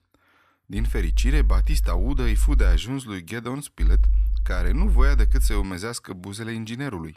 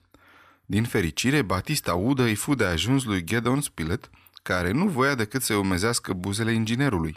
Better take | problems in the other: second | low rumble; noticeable; from 1 to 3 s and from 4 to 5.5 s; 15 dB below the speech

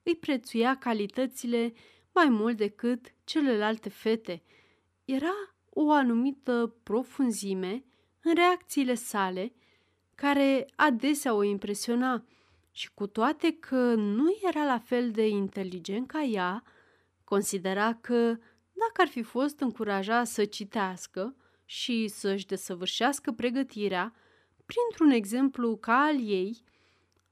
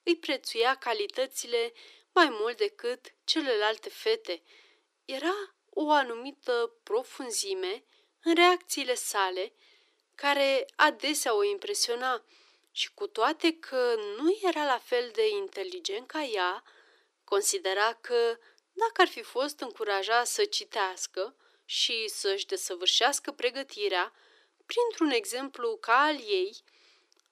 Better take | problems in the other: first | thin; very; fading below 350 Hz

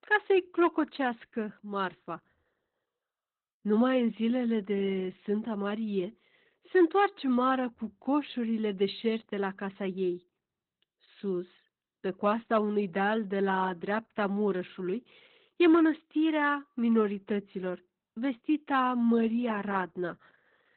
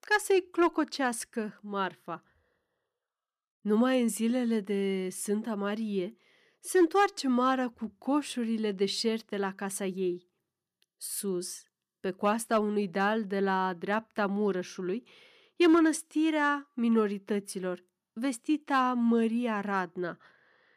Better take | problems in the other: second | garbled, watery; badly; nothing above 4 kHz

